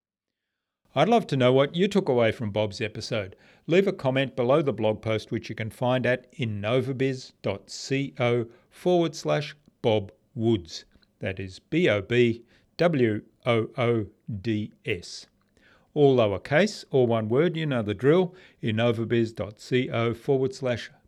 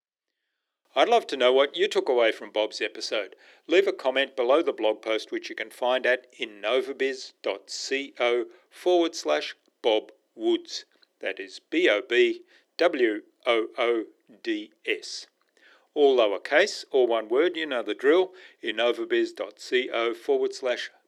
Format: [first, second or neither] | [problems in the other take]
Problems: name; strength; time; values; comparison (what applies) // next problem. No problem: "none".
first | thin; very; fading below 300 Hz